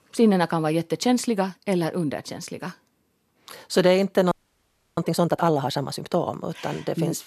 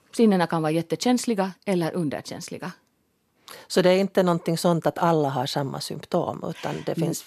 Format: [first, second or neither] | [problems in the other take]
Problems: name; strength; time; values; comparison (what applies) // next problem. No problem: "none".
second | audio freezing; at 4.5 s for 0.5 s